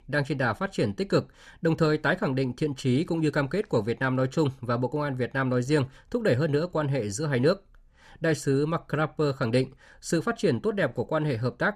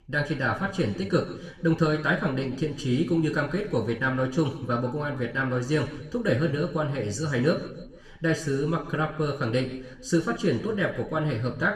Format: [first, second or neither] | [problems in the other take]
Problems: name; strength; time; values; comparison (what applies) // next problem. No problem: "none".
first | room echo; slight; dies away in 0.9 s // off-mic speech; somewhat distant